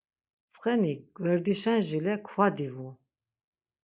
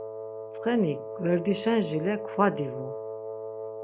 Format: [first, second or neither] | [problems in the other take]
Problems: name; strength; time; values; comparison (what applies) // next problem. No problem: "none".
first | background sound (Wind instrument, woodwind instrument); 8 dB below the speech